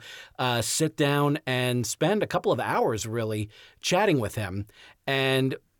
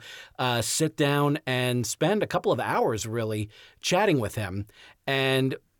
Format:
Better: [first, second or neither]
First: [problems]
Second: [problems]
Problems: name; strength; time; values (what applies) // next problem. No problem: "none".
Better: neither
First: none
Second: none